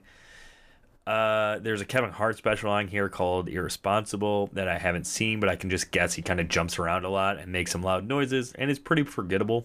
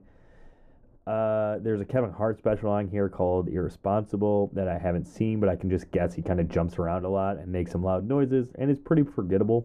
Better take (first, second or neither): first